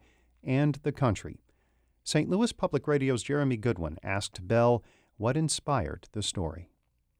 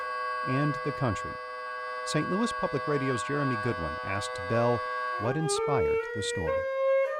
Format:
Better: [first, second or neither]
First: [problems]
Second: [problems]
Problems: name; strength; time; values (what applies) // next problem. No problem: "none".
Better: first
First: none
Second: background music; very loud; throughout; as loud as the speech